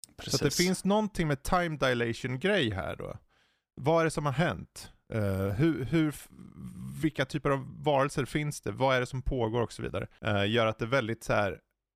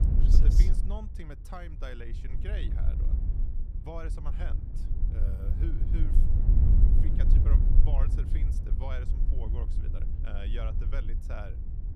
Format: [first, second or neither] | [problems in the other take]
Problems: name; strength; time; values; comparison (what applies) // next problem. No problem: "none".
first | wind noise on the microphone; heavy; 1 dB below the speech